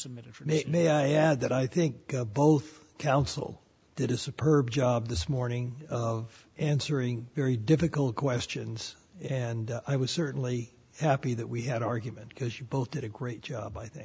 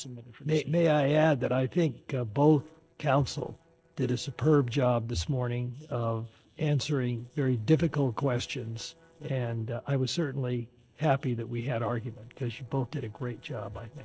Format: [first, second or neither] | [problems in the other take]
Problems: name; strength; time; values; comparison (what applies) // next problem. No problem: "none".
first | noise reduction (neural separator model SepFormer DNS4)